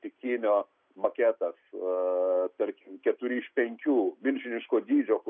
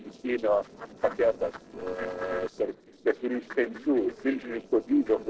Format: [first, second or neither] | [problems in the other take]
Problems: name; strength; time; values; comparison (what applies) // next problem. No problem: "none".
first | noise reduction (neural separator model SepFormer DNS4)